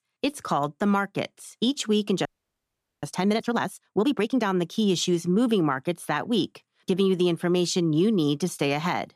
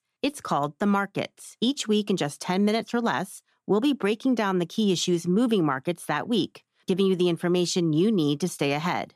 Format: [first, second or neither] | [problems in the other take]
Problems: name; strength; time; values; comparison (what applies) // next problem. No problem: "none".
second | audio freezing; at 2.5 s for 1 s